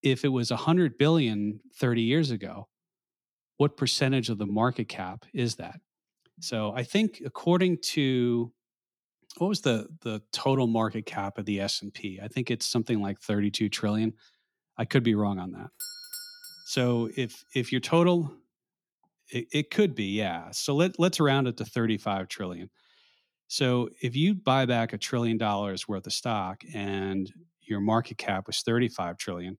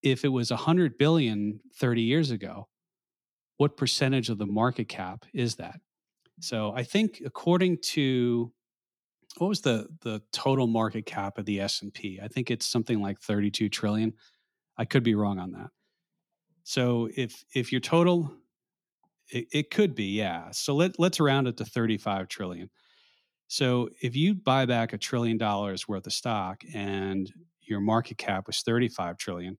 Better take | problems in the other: second | doorbell; noticeable; from 16 to 17 s; peak 9 dB below the speech

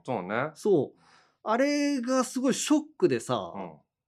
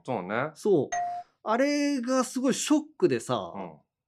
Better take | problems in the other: first | doorbell; noticeable; at 1 s; peak 5 dB below the speech

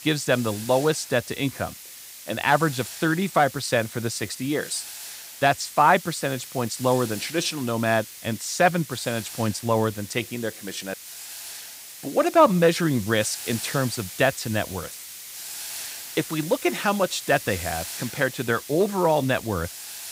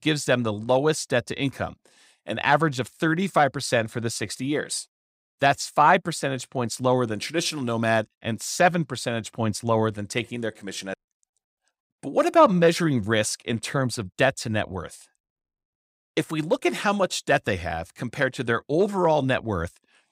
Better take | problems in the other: second | hiss; noticeable; throughout; 10 dB below the speech

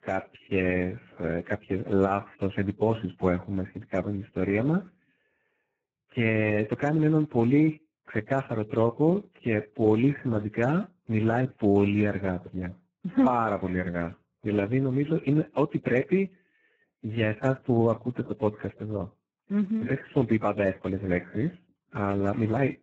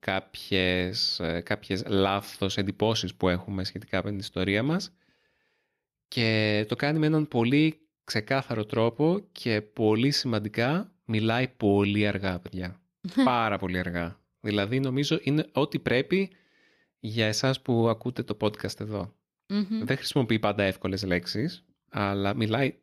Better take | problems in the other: second | garbled, watery; badly

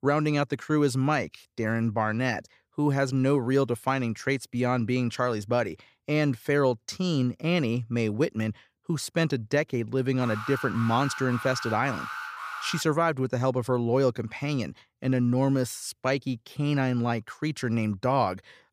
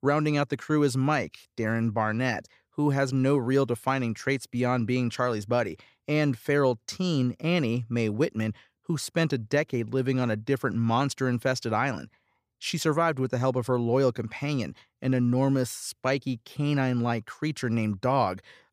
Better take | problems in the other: second | alarm; noticeable; from 10 to 13 s; peak 8 dB below the speech

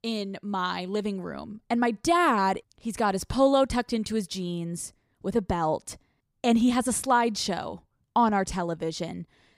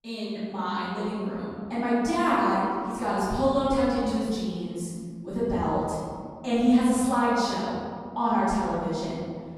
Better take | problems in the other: first | off-mic speech; far // room echo; strong; dies away in 1.9 s

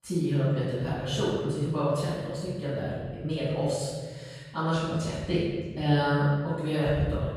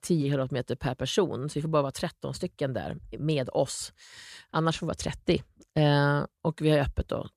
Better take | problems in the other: second | off-mic speech; far // room echo; strong; dies away in 1.6 s

